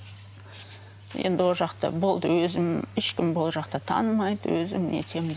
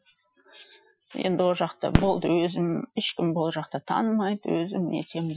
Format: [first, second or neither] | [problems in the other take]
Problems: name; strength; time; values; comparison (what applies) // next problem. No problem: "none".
first | noise reduction (classical method Wiener filter)